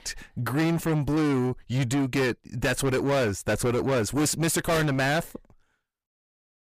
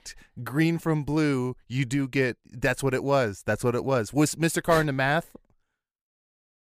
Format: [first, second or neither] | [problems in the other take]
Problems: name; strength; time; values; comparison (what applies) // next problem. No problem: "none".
second | distortion; heavy; 6 dB below the speech